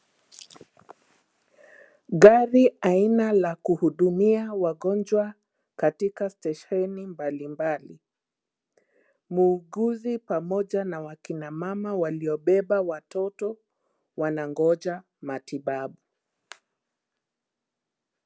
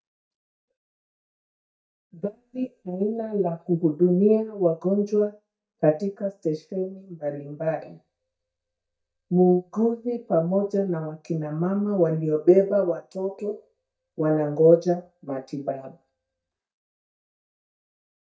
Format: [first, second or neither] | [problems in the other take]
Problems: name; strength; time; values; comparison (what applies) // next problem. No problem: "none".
first | noise reduction (neural mask model DeepFilterNet 3)